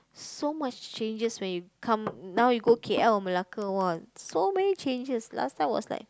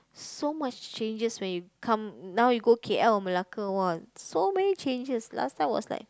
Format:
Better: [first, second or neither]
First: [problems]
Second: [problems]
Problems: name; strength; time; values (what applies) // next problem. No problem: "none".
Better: second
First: background sound (Knock / Wood); 14 dB below the speech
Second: none